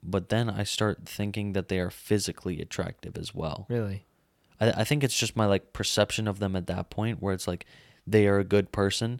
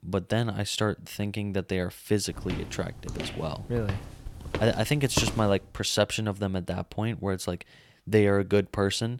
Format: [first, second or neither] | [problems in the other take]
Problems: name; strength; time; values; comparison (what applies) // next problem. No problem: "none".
first | footsteps; noticeable; from 2.5 to 5.5 s; peak 3 dB below the speech